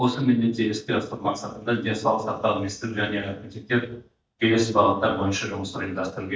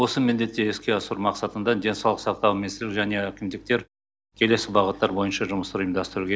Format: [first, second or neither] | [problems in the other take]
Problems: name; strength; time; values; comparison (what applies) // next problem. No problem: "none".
second | noise reduction (neural mask model DeepFilterNet 3)